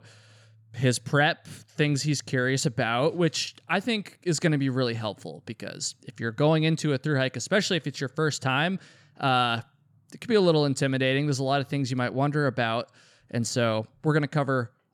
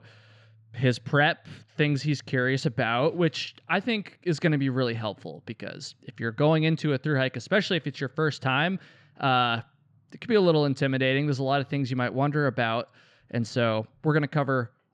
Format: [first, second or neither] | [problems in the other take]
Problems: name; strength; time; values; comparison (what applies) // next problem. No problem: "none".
first | muffled; very slightly; fading above 3 kHz